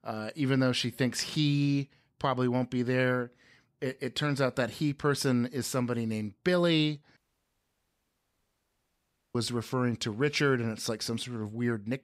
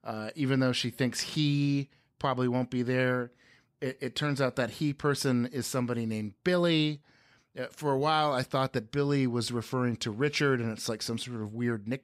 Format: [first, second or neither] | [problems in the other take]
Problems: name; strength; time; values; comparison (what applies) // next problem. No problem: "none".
second | audio cutting out; at 7 s for 2 s